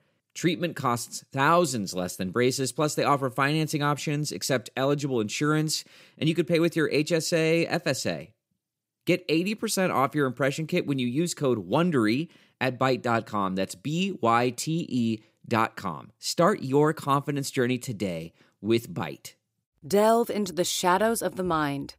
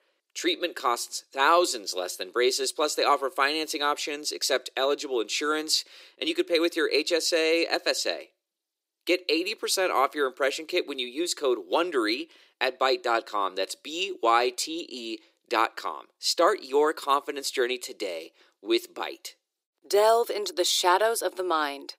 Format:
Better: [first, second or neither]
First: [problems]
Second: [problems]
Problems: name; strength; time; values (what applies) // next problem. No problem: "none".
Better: first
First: none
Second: thin; very; fading below 350 Hz